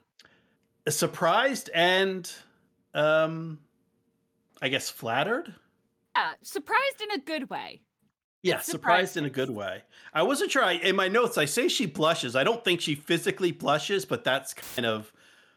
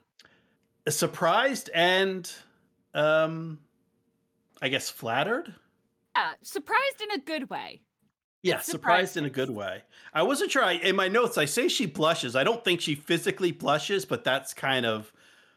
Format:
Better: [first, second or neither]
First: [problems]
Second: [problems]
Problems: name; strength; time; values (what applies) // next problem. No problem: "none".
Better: second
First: audio cutting out; filled with static; at 15 s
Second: none